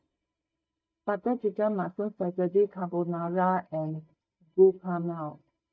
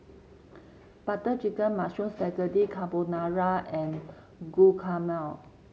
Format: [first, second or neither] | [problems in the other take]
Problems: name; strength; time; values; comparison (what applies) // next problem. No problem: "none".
second | noise reduction (neural mask model DeepFilterNet 3)